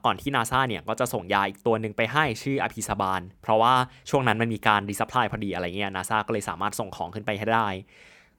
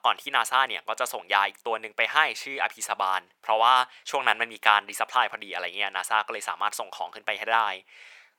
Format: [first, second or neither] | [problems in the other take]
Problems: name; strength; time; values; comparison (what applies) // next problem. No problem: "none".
first | thin; very; fading below 800 Hz